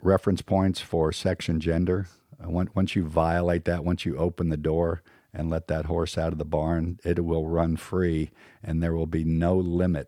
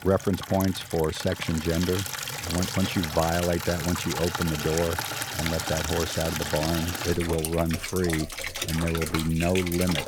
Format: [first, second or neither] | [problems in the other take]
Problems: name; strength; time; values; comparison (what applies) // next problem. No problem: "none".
first | household noises; loud; throughout; 3 dB below the speech